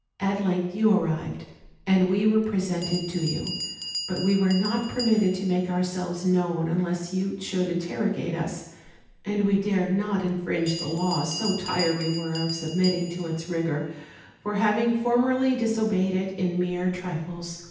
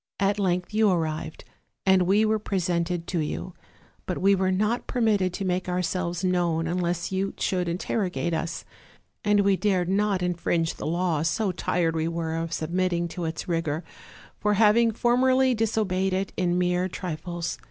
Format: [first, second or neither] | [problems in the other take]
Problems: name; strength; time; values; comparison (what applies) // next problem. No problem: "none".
second | background sound (Bell); 15 dB below the speech // room echo; dies away in 0.9 s